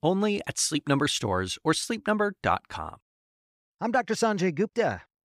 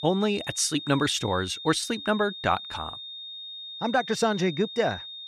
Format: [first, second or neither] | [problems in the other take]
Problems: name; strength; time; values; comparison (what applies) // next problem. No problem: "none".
first | high-pitched whine; noticeable; throughout; 3.5 kHz, 10 dB below the speech